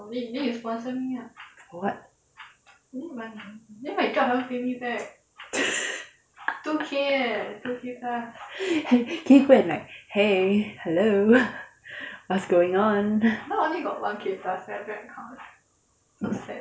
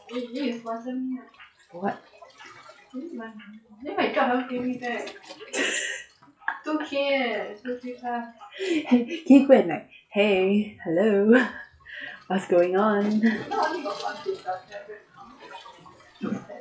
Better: first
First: none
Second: noise reduction (classical method log-MMSE)

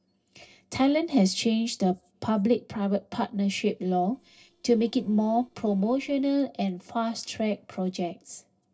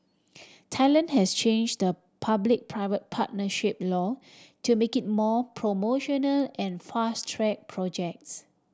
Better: second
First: noise reduction (neural separator model SepFormer DNS4)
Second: none

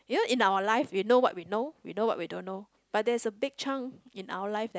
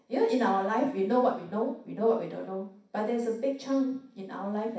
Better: first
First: none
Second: room echo; dies away in 0.6 s

